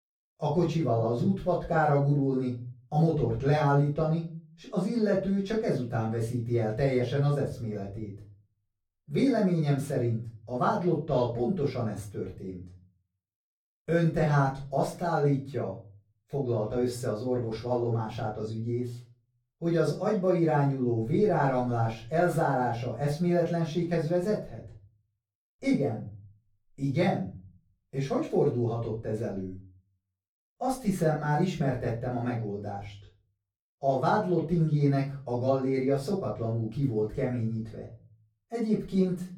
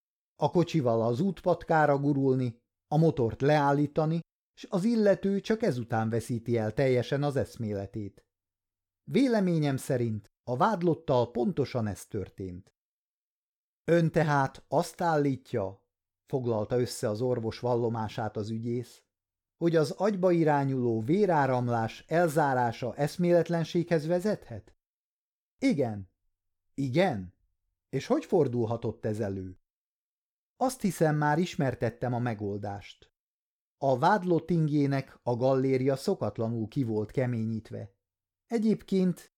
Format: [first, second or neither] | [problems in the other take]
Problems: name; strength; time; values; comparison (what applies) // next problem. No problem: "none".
second | off-mic speech; far // room echo; slight; dies away in 0.3 s